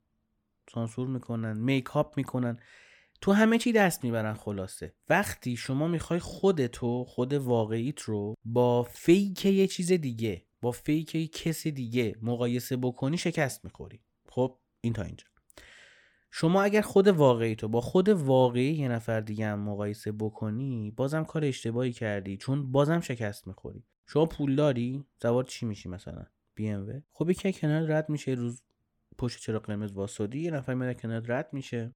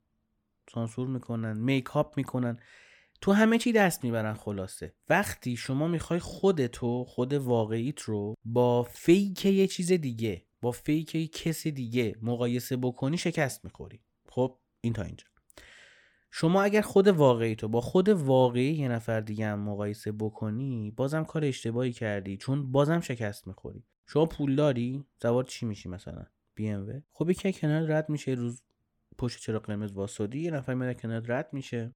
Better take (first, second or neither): neither